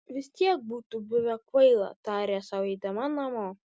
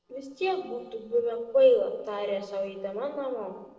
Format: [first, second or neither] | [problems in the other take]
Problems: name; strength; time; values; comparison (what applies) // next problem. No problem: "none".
first | noise reduction (neural separator model SepFormer DNS4)